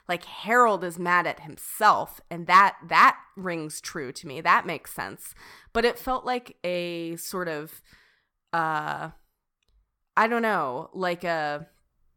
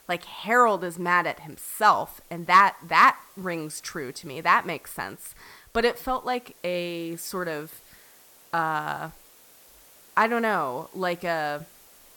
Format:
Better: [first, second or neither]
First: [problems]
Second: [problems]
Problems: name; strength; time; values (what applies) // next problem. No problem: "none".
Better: first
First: none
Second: hiss; faint; throughout; 25 dB below the speech